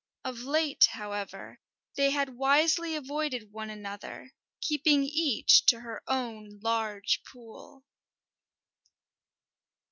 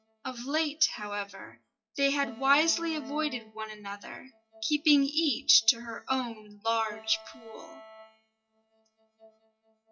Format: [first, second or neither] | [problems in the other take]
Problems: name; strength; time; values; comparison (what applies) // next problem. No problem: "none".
first | noise reduction (classical method WPE with log-MMSE)